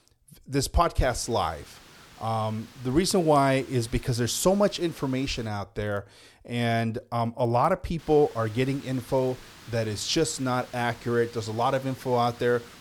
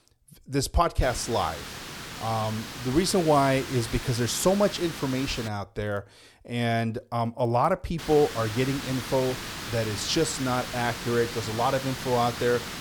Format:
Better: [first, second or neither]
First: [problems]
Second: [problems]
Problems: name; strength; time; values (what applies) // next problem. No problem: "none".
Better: first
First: hiss; faint; from 1 to 5.5 s and from 8 s on; 20 dB below the speech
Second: hiss; loud; from 1 to 5.5 s and from 8 s on; 9 dB below the speech